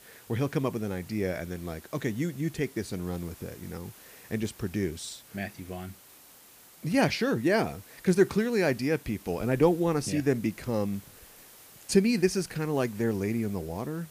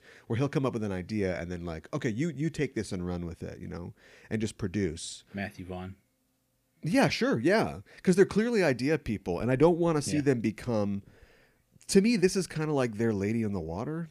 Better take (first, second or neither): second